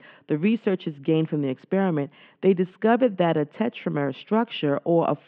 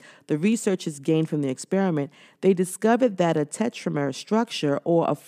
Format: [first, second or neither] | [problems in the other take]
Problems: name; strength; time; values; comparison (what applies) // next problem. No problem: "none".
second | muffled; very; fading above 3 kHz